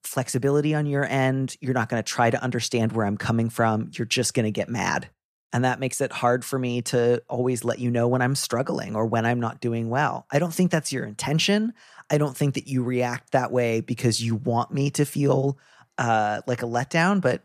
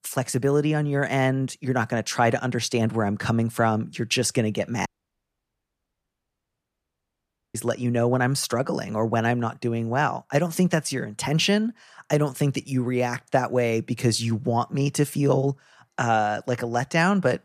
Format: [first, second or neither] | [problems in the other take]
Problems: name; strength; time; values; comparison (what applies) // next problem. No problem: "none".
first | audio cutting out; at 5 s for 2.5 s